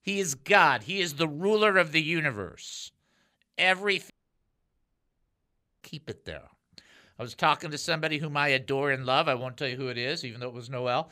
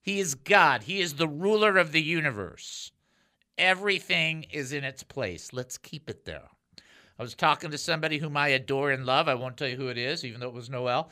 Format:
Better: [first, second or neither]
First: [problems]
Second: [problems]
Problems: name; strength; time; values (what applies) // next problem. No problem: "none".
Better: second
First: audio cutting out; at 4 s for 1.5 s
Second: none